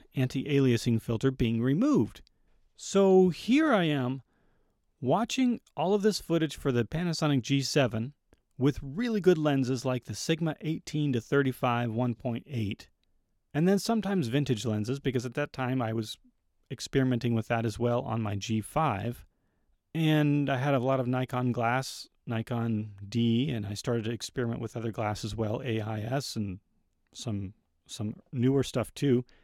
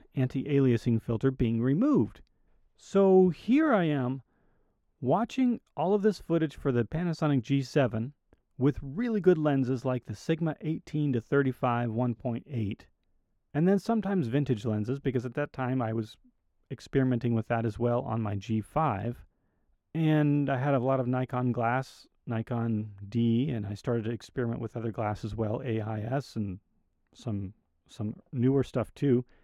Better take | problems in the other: first | muffled; slightly; fading above 2.5 kHz

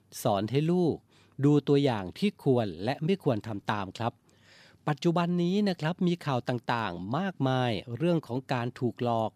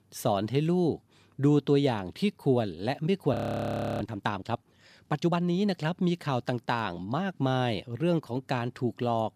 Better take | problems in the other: first | audio freezing; at 3.5 s for 0.5 s

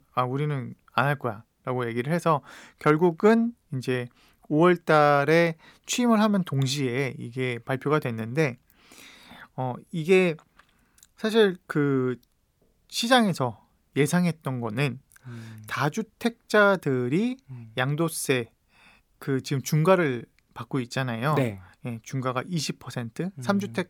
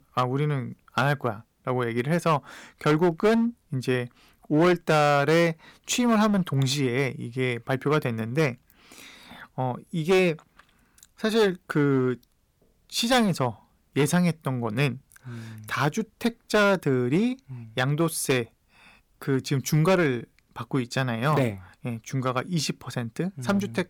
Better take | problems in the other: first | distortion; slight; 6% of the sound clipped

